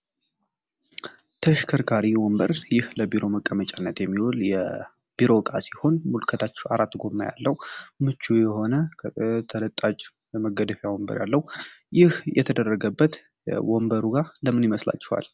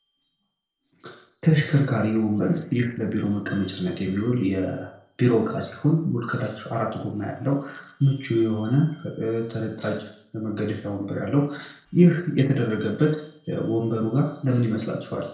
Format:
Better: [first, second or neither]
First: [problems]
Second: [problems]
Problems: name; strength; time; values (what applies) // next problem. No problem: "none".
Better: first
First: none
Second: noise reduction (neural separator model SepFormer DNS4)